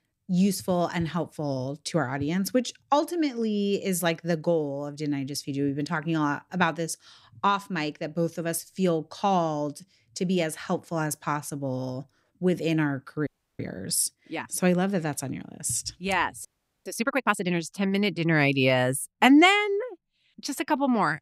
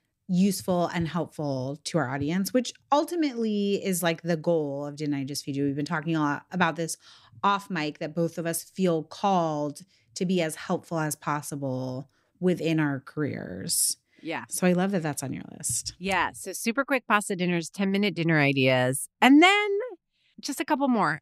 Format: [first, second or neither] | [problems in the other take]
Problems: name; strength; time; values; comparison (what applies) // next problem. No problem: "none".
second | audio freezing; at 13 s and at 16 s